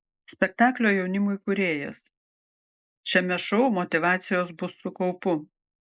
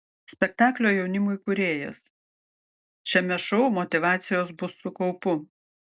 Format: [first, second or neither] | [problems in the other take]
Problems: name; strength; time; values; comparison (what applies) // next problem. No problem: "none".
second | noise reduction (neural mask model Resemble Enhance denoiser)